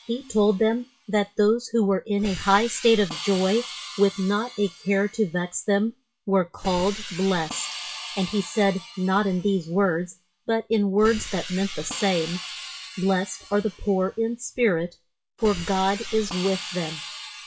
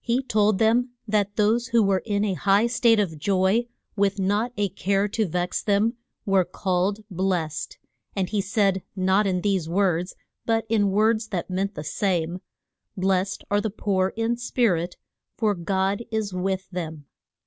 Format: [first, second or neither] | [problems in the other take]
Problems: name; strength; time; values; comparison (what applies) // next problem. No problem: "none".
second | noise reduction (classical method WPE with log-MMSE)